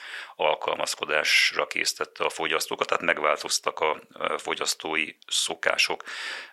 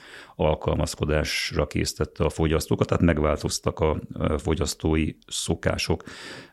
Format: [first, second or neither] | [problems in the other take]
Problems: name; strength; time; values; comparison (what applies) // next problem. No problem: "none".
second | thin; very; fading below 750 Hz